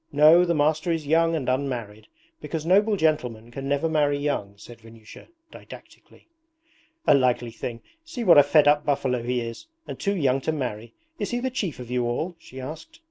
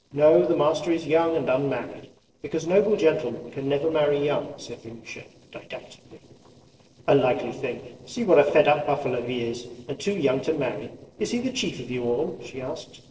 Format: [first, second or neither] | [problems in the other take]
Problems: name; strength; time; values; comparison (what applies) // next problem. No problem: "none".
first | noise reduction (neural separator model SepFormer DNS4)